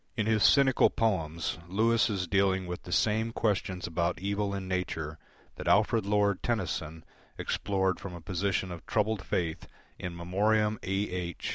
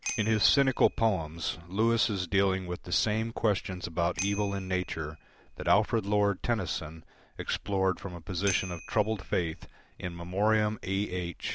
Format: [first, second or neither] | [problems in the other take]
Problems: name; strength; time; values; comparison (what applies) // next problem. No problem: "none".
first | background sound (Bicycle bell); 16 dB below the speech